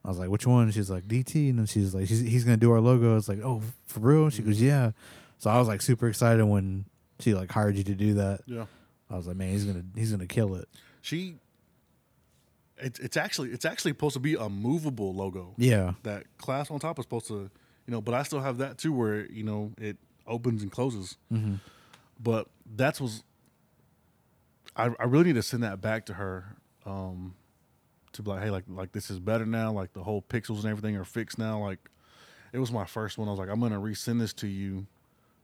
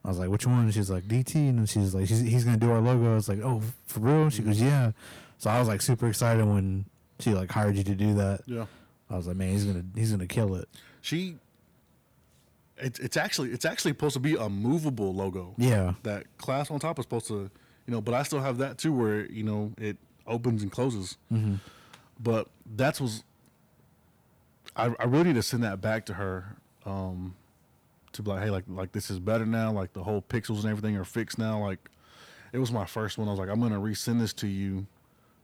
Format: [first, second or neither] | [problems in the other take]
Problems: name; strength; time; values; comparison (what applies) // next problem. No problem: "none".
first | distortion; slight; 10 dB below the speech